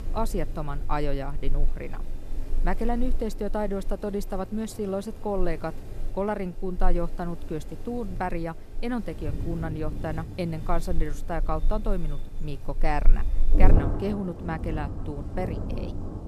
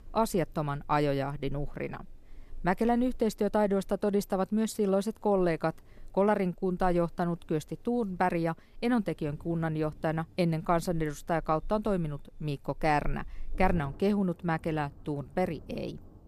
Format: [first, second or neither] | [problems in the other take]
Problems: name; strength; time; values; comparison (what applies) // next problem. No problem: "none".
second | rain or running water; loud; throughout; 1 dB below the speech; faint in the second